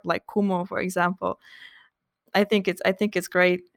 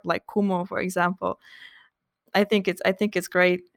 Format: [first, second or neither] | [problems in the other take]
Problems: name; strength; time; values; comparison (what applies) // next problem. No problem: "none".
neither | none